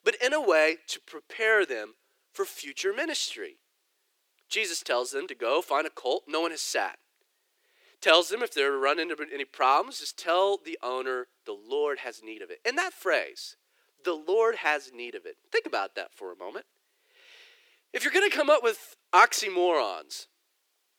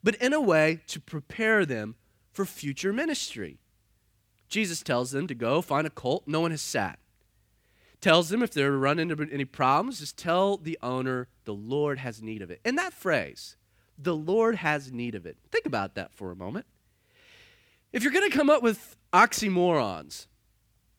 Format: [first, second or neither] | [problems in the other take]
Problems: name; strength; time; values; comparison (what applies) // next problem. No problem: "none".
second | thin; very; fading below 350 Hz